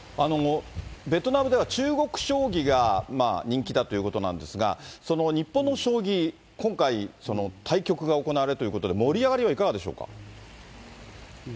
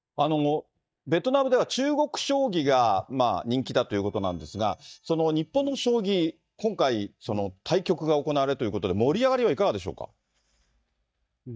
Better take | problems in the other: first | noise reduction (neural mask model DeepFilterNet 3)

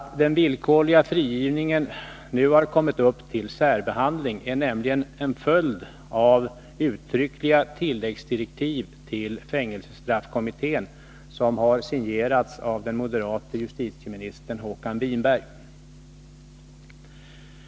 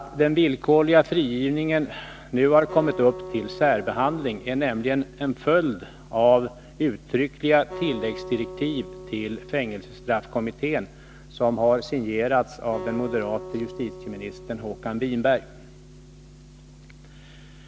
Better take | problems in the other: first | background sound (Acoustic guitar); 17 dB below the speech

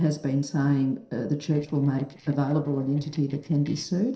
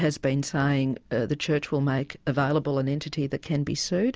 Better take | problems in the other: second | noise reduction (neural separator model SepFormer DNS4)

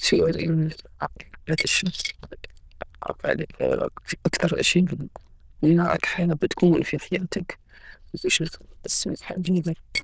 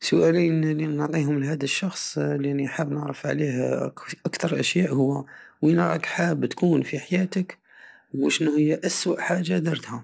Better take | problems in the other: second | noise reduction (neural diffusion model UNIVERSE++)

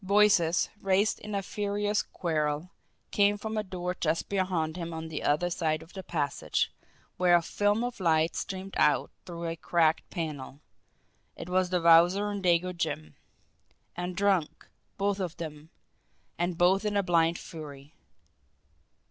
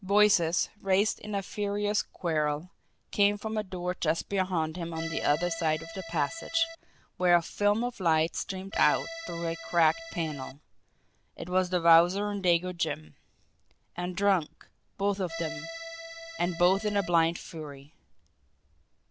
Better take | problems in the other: first | background sound (Accordion); 10 dB below the speech

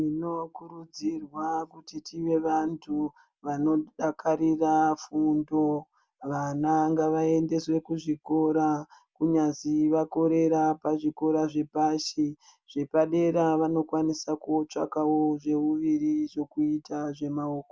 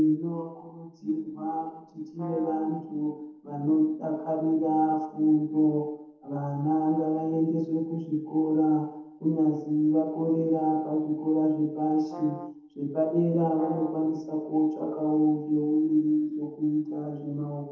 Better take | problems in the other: first | noise reduction (neural separator model SepFormer DNS4)

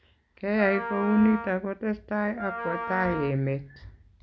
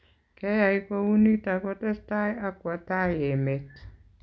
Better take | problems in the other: second | background sound (Wind instrument, woodwind instrument); 8 dB below the speech

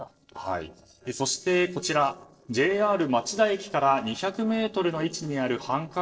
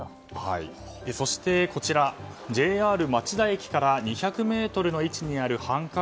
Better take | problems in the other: second | noise reduction (neural separator model SepFormer DNS4)

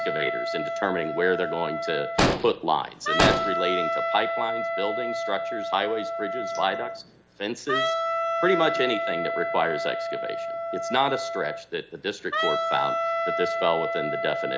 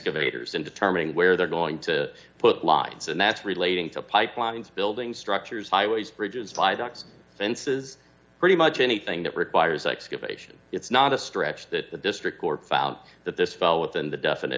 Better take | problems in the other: second | background sound (Wind instrument, woodwind instrument + Explosion); 1 dB above the speech

